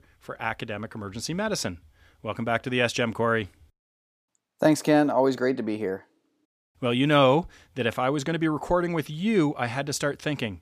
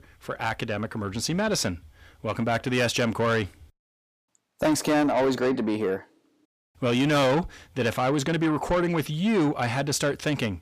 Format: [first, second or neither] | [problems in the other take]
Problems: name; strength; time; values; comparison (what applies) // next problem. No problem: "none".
first | distortion; heavy; 8 dB below the speech